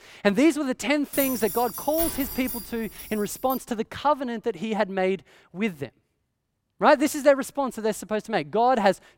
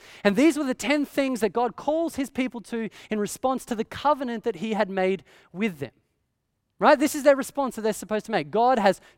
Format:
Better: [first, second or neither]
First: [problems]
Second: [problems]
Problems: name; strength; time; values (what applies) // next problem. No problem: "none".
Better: second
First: jangling keys; noticeable; from 1 to 3.5 s; peak 3 dB below the speech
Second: none